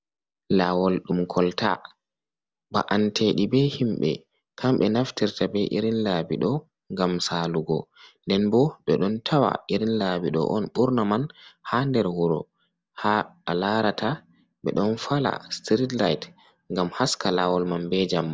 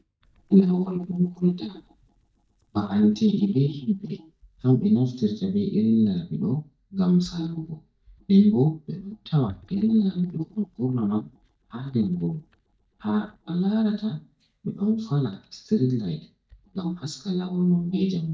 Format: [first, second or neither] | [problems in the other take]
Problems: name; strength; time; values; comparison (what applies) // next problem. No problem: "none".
first | noise reduction (neural mask model DeepFilterNet 3)